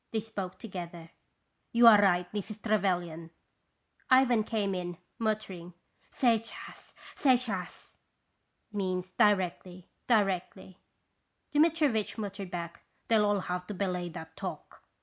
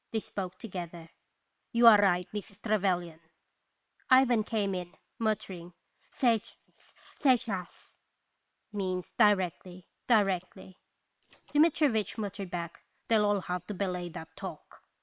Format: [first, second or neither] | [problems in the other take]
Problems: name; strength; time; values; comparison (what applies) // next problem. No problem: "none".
first | noise reduction (neural separator model SepFormer WHAM!)